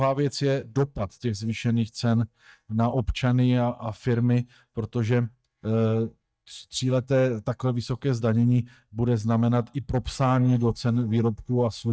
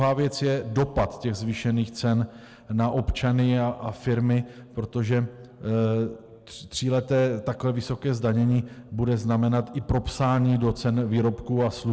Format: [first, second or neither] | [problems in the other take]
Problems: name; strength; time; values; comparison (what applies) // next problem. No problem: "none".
second | noise reduction (neural mask model DeepFilterNet 3)